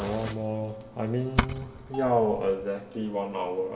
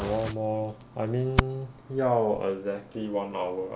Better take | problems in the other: second | background sound (Bell); 17 dB below the speech // room echo; dies away in 2.2 s

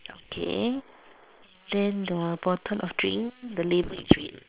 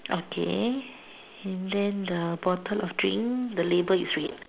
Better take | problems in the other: second | noise reduction (neural separator model SepFormer WHAM!)

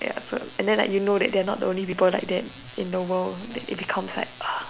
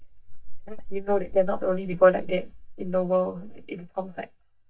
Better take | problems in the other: first | noise reduction (neural mask model DeepFilterNet 3)

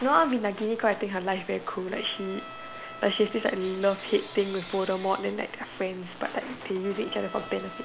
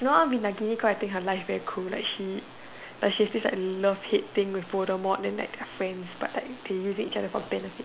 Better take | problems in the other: second | background sound (Coin (dropping) / Bell + Trumpet); 16 dB below the speech

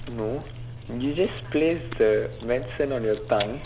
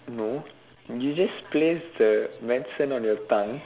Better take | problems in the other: second | background sound (Chewing, mastication); 11 dB below the speech

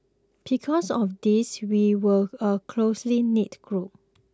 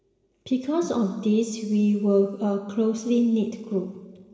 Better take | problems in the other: first | room echo; dies away in 1.9 s

